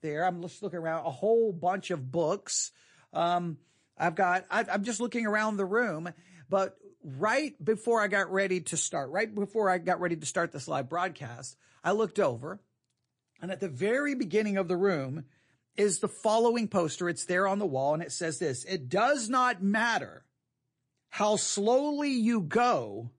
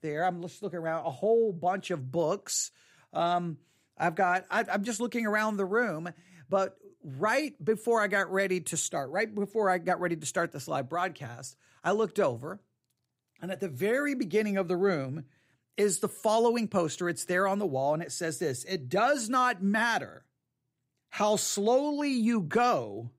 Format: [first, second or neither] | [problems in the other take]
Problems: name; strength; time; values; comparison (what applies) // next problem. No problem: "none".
second | garbled, watery; slightly; nothing above 8 kHz